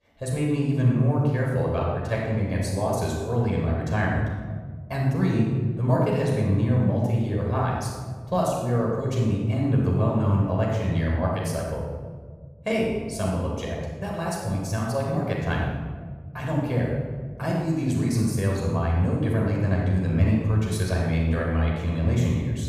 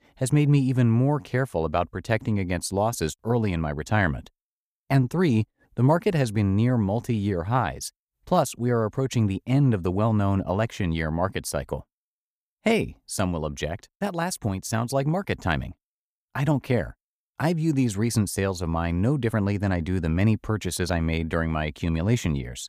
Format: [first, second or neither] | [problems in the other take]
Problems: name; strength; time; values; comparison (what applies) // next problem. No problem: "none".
second | off-mic speech; far // room echo; strong; dies away in 1.7 s